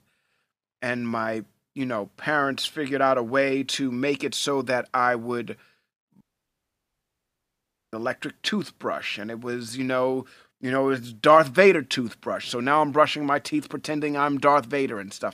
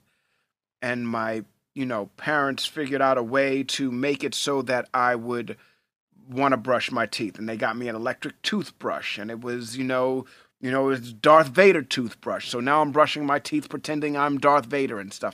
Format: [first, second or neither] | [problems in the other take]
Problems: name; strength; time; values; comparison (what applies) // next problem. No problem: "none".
second | audio cutting out; at 6 s for 1.5 s